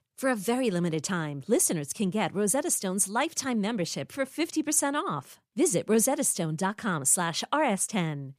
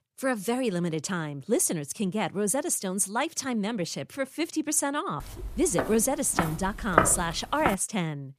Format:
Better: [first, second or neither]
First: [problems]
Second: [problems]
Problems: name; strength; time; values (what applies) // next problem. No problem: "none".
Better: first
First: none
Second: footsteps; loud; from 5.5 to 7.5 s; peak 3 dB above the speech